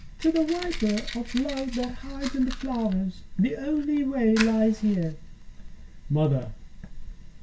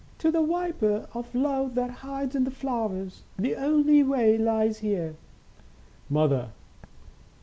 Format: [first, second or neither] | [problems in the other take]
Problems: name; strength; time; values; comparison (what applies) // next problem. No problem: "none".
second | background sound (Fire); 16 dB below the speech // room echo; dies away in 0.1 s